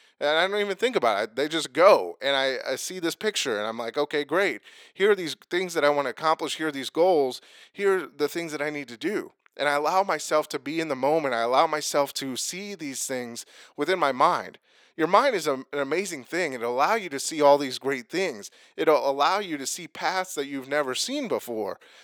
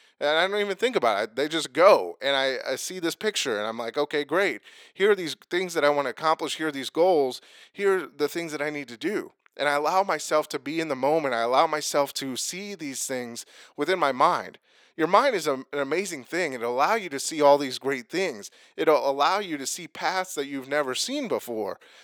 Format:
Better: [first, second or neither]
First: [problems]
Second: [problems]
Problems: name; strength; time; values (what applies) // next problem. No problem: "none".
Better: neither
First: thin; somewhat; fading below 500 Hz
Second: thin; somewhat; fading below 500 Hz